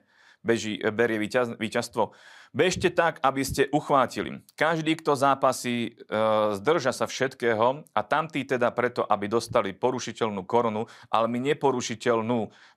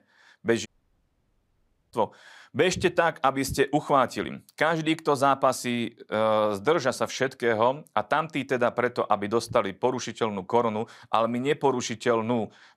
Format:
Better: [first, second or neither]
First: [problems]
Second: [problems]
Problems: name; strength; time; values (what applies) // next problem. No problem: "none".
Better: first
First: none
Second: audio cutting out; at 0.5 s for 1.5 s